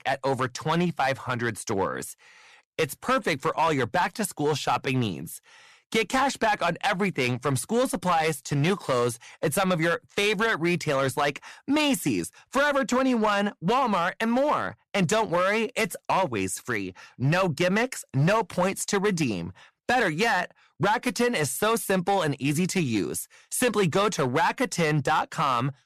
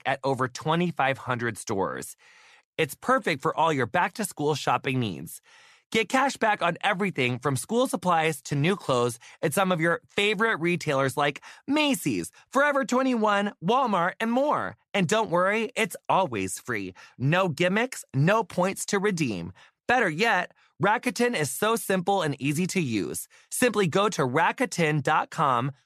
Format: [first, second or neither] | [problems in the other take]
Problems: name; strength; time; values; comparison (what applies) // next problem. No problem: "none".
second | distortion; slight; 6% of the sound clipped